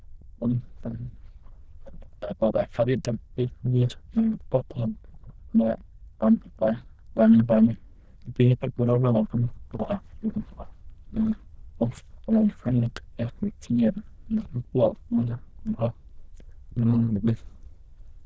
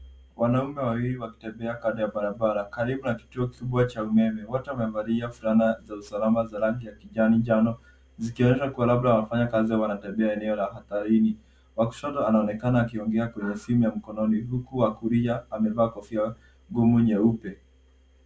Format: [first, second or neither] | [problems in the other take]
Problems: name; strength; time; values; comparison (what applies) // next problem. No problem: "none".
second | noise reduction (neural diffusion model UNIVERSE++)